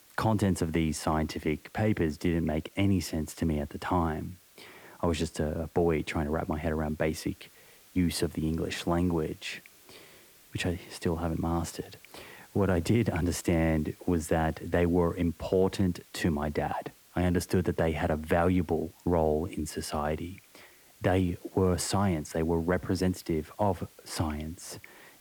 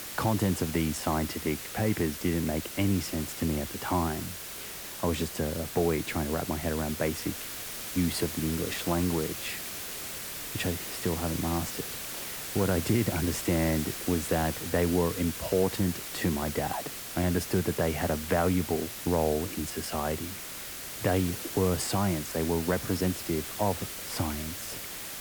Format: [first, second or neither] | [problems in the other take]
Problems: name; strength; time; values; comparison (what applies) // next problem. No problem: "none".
first | hiss; loud; throughout; 6 dB below the speech; faint in the first